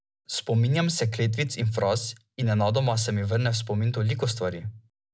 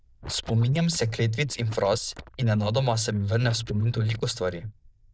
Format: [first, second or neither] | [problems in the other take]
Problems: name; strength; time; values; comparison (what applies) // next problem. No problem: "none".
first | noise reduction (neural diffusion model UNIVERSE++)